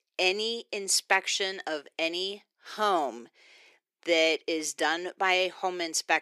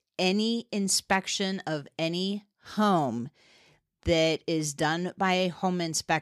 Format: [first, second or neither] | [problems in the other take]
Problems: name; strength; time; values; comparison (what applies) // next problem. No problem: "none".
second | thin; very; fading below 350 Hz